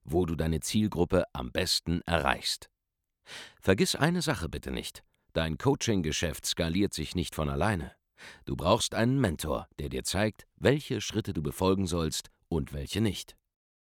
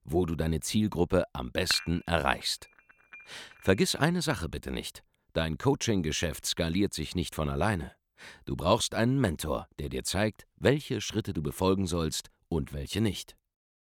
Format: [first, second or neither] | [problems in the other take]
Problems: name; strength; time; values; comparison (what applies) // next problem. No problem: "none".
first | clattering dishes; noticeable; at 1.5 s; peak 6 dB below the speech